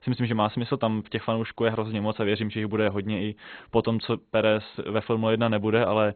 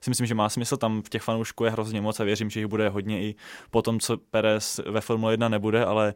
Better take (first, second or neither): second